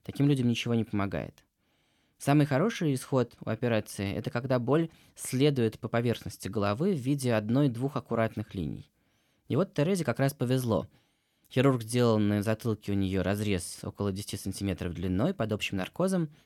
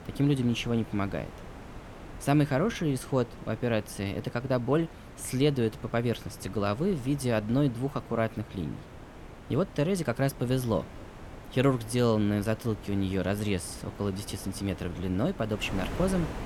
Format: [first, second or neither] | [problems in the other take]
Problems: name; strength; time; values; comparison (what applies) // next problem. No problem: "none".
first | wind noise on the microphone; occasional gusts; 15 dB below the speech